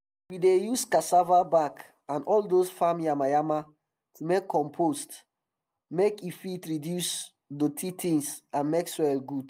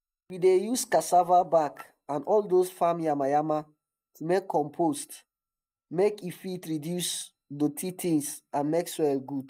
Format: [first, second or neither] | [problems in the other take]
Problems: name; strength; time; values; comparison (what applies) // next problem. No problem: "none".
first | noise reduction (neural mask model DeepFilterNet 3)